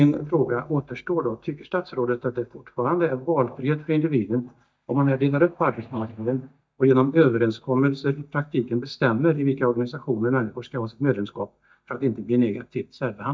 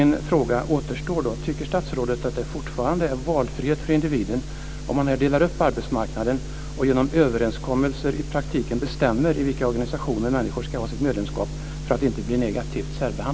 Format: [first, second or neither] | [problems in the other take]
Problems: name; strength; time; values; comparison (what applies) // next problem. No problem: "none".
second | noise reduction (neural mask model DeepFilterNet 3)